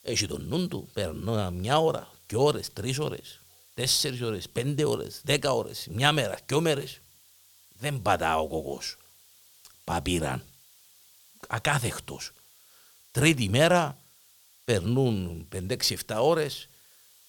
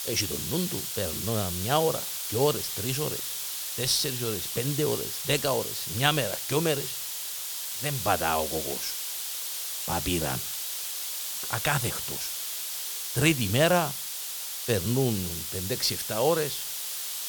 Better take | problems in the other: first | hiss; loud; throughout; 2 dB below the speech; faint in the first

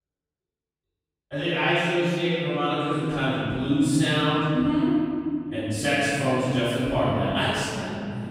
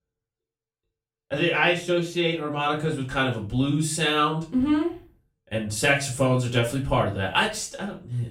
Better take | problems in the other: second | room echo; strong; dies away in 2.7 s; slight in the second // off-mic speech; far; far in the second

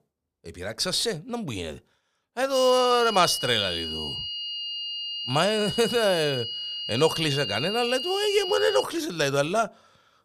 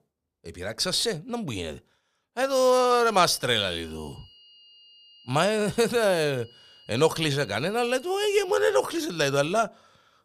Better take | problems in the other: second | high-pitched whine; loud; from 2.5 to 9 s; 3 kHz, 5 dB below the speech; faint in the second

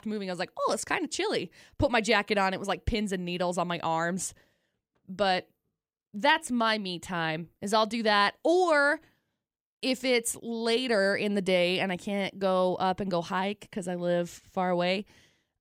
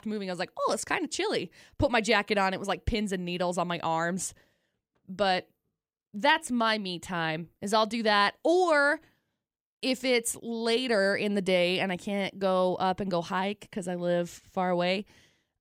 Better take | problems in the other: neither | none

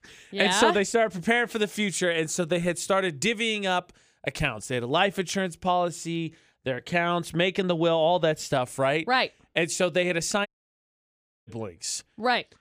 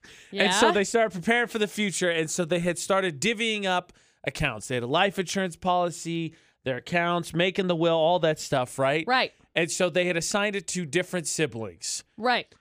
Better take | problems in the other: second | audio cutting out; at 10 s for 1 s

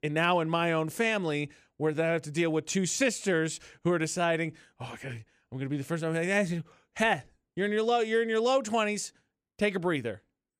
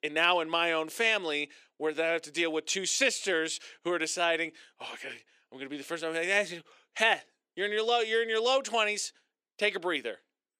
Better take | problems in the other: first | thin; somewhat; fading below 350 Hz

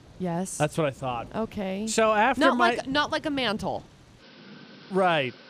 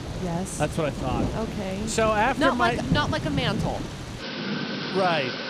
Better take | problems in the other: first | rain or running water; loud; throughout; 5 dB below the speech; faint in the first

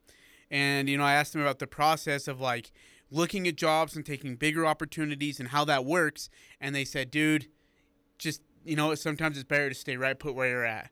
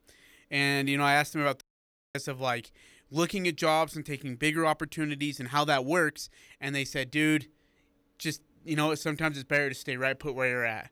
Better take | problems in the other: first | audio cutting out; at 1.5 s for 0.5 s

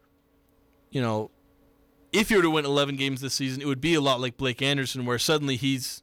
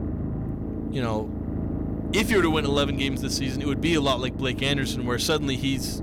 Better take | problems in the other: first | low rumble; noticeable; throughout; 10 dB below the speech

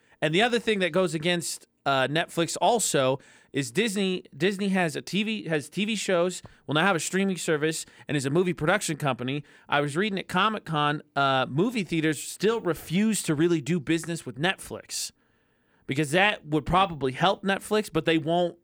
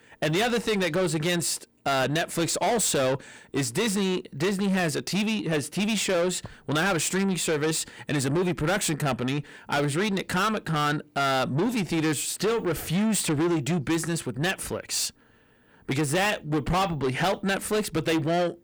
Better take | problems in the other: first | distortion; heavy; 7 dB below the speech

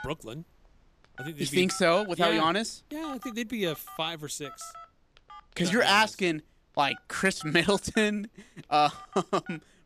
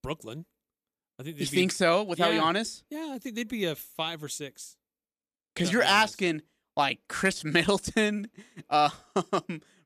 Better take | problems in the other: second | alarms or sirens; noticeable; throughout; 20 dB below the speech

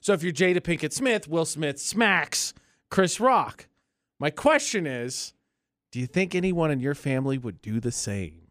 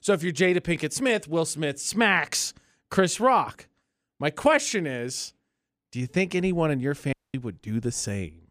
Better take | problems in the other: first | audio cutting out; at 7 s

